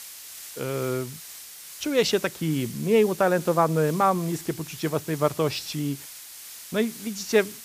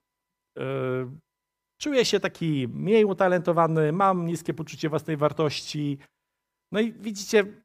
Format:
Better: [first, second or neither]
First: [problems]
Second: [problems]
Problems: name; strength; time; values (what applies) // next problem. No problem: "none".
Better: second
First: hiss; noticeable; throughout; 15 dB below the speech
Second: none